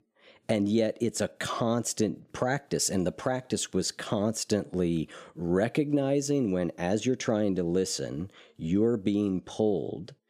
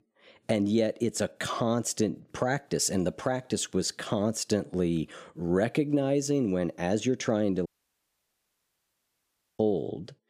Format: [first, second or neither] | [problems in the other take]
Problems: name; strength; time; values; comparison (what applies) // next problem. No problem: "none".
first | audio cutting out; at 7.5 s for 2 s